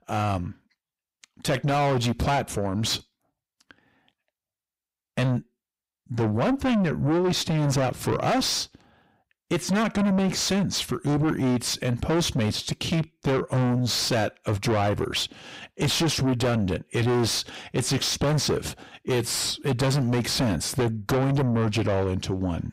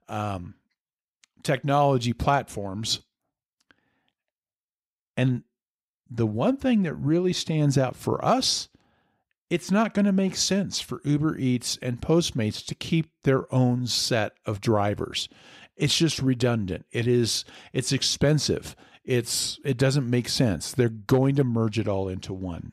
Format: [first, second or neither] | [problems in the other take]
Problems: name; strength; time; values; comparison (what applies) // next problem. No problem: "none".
second | distortion; heavy; 6 dB below the speech